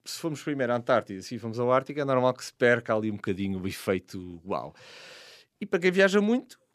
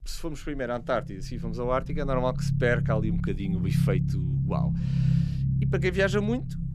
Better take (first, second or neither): first